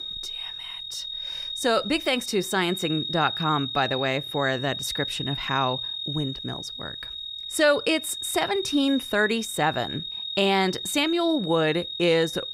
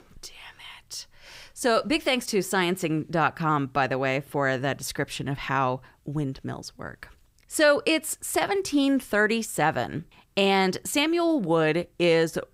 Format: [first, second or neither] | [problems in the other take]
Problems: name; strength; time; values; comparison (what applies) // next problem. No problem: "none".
second | high-pitched whine; loud; throughout; 3.5 kHz, 6 dB below the speech